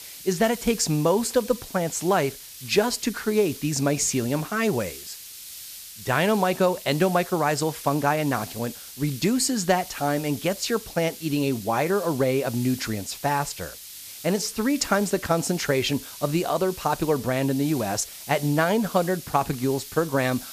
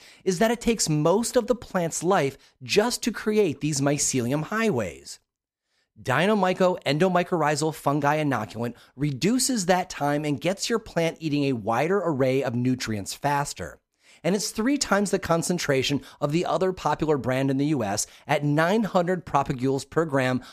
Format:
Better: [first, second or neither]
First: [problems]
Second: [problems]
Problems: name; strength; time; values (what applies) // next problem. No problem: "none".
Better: second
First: hiss; noticeable; throughout; 15 dB below the speech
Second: none